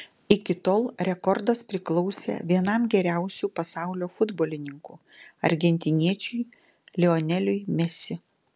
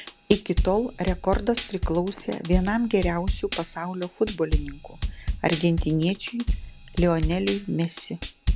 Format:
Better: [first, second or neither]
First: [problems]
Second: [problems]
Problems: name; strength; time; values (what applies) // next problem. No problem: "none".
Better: first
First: none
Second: background sound (Drum kit); 4 dB below the speech